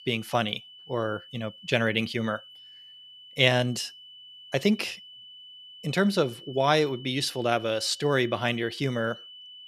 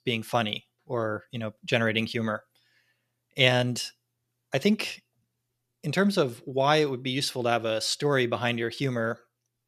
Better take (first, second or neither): second